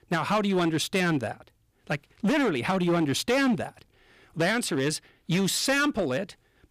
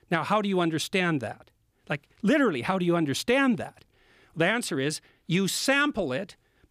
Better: second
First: distortion; slight; 10% of the sound clipped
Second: none

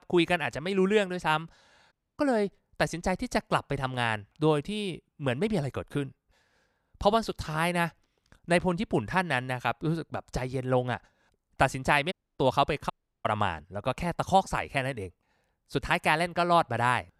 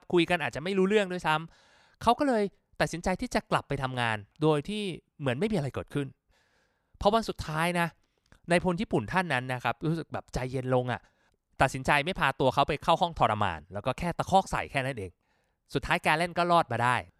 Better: second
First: audio cutting out; at 2 s, at 12 s and at 13 s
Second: none

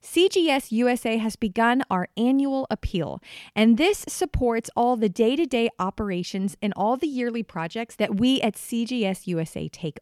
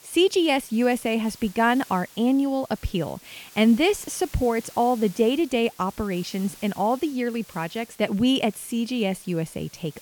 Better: first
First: none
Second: hiss; faint; throughout; 20 dB below the speech

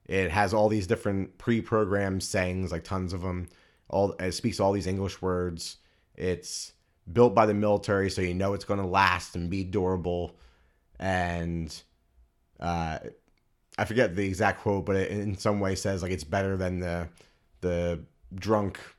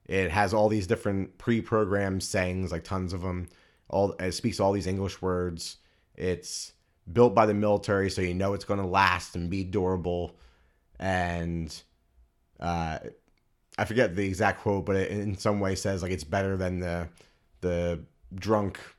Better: neither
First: none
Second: none

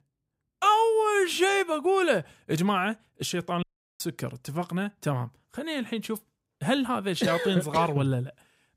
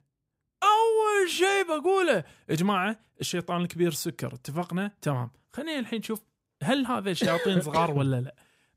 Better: second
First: audio cutting out; at 3.5 s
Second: none

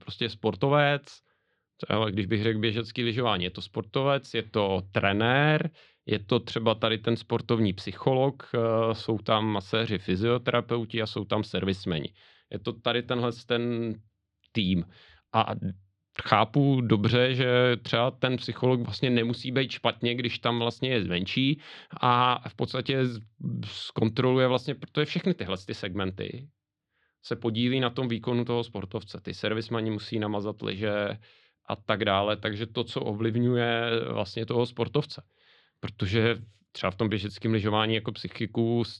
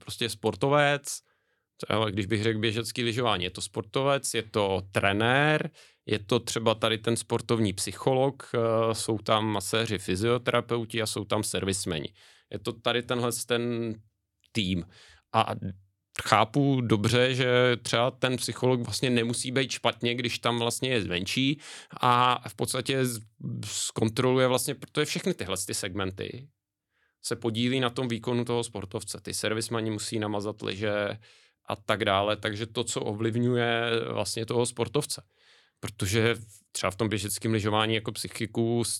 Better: second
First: muffled; very slightly; fading above 4 kHz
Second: none

